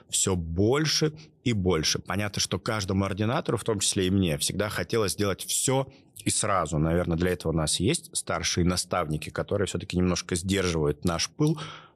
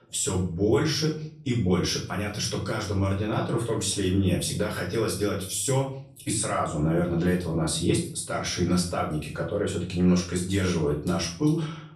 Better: first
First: none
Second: room echo; slight; dies away in 0.4 s // off-mic speech; far

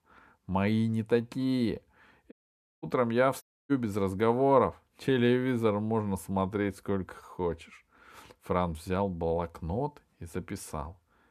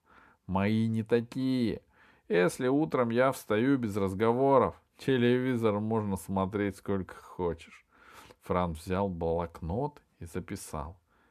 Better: second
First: audio cutting out; at 2.5 s for 0.5 s and at 3.5 s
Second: none

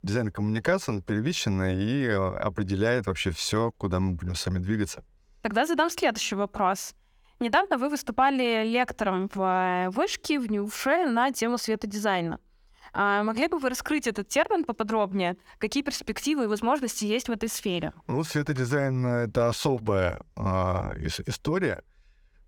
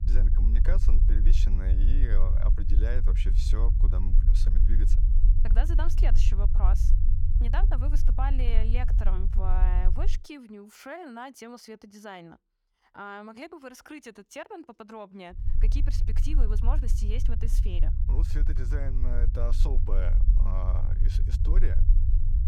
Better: first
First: none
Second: low rumble; loud; until 10 s and from 15 s on; 6 dB below the speech

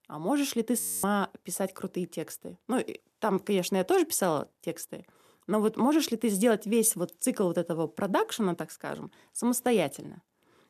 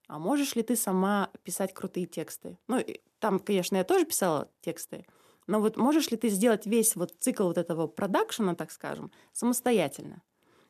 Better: second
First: audio freezing; at 1 s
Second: none

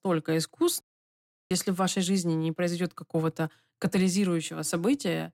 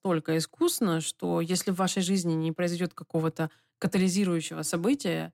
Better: second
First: audio cutting out; at 1 s for 0.5 s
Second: none

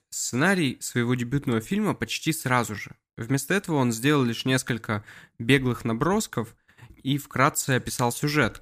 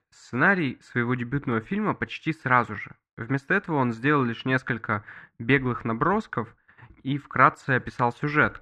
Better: first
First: none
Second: muffled; very; fading above 2 kHz

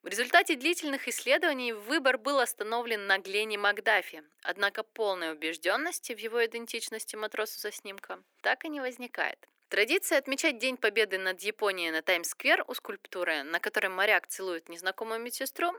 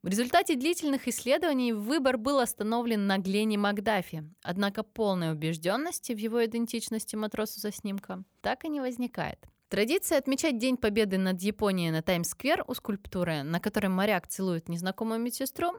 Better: second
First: thin; very; fading below 300 Hz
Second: none

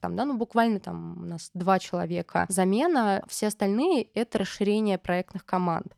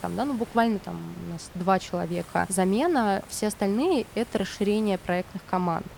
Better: first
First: none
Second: hiss; noticeable; throughout; 20 dB below the speech

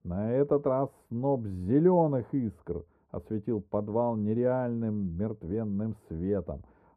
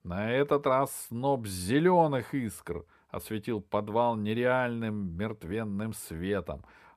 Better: second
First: muffled; very; fading above 1.5 kHz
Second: none

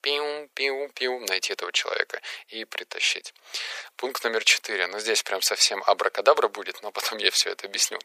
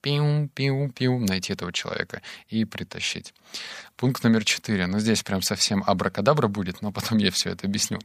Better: second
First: thin; very; fading below 400 Hz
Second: none

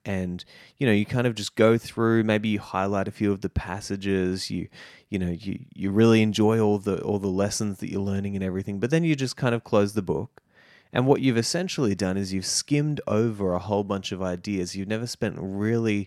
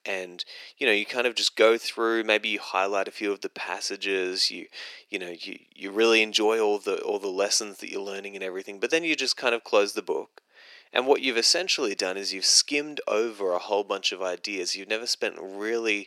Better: first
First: none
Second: thin; very; fading below 350 Hz

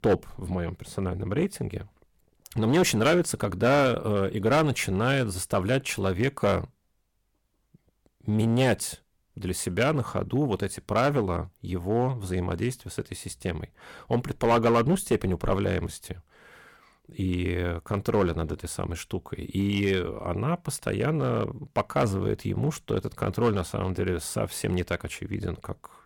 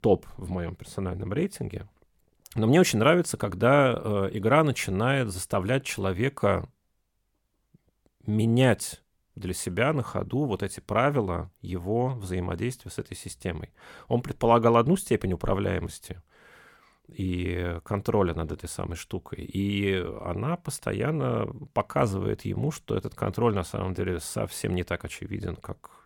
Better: second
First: distortion; slight; 4% of the sound clipped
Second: none

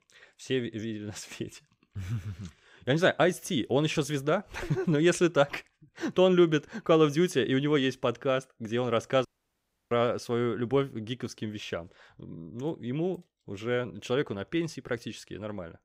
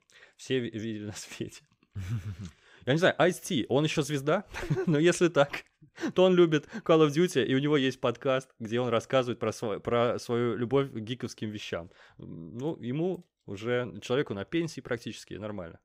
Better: second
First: audio cutting out; at 9.5 s for 0.5 s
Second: none

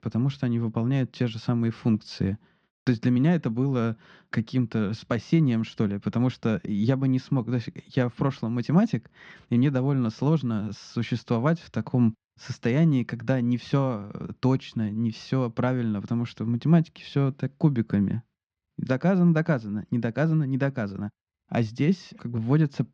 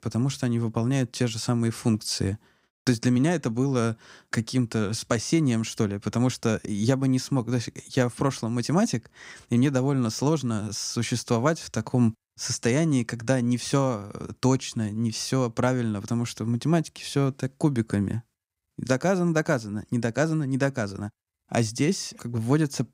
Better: second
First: muffled; slightly; fading above 4 kHz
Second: none

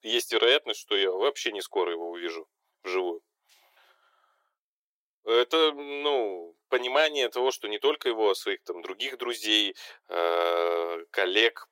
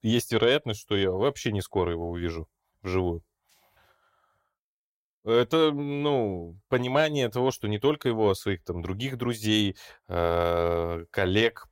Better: second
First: thin; very; fading below 350 Hz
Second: none

